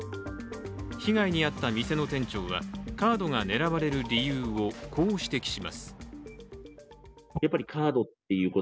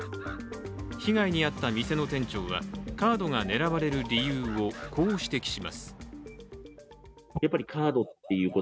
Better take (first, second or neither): first